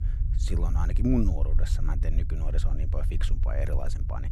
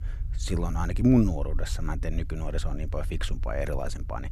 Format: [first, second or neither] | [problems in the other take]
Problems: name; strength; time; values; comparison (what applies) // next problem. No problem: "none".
second | low rumble; loud; throughout; 10 dB below the speech; faint in the second